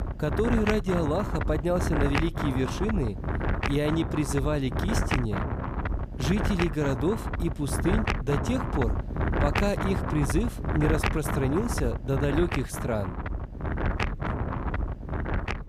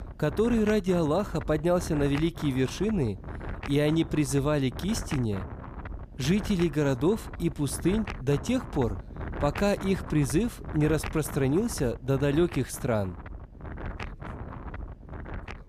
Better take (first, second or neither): second